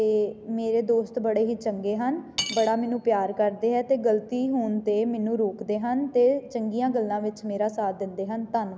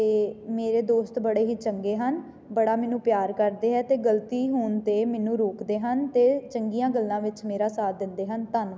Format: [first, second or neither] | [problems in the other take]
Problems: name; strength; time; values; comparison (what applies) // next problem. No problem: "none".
second | background sound (Cutlery, silverware / Dishes, pots, and pans); 10 dB below the speech